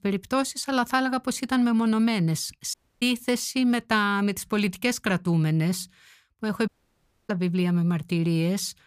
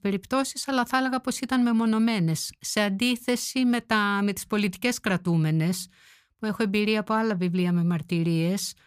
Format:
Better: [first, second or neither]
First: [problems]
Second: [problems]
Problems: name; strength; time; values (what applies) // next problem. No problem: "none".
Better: second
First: audio cutting out; at 2.5 s and at 6.5 s for 0.5 s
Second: none